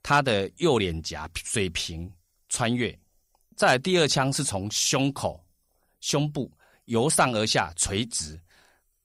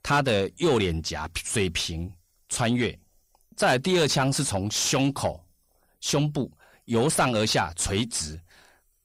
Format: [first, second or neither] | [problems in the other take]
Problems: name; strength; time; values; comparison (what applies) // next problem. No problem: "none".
first | distortion; slight; 10 dB below the speech